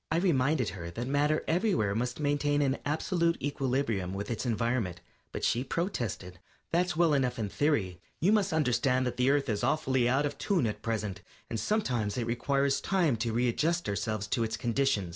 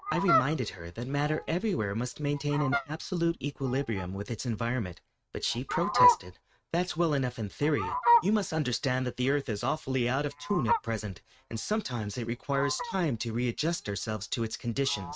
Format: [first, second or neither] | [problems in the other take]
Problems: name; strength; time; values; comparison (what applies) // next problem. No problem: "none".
first | noise reduction (neural mask model RNNoise)